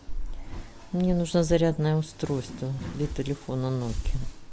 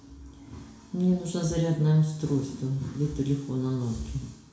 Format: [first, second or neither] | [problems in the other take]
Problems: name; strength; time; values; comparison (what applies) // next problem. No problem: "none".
first | room echo; dies away in 0.6 s